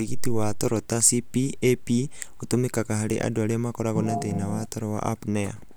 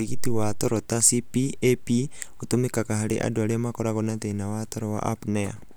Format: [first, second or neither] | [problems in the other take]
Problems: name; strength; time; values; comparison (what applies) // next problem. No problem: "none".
second | background sound (Organ); 6 dB below the speech